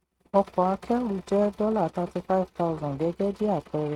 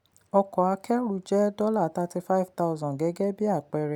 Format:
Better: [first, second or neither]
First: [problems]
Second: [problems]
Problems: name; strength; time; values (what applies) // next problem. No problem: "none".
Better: second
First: noise reduction (neural mask model RNNoise)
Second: none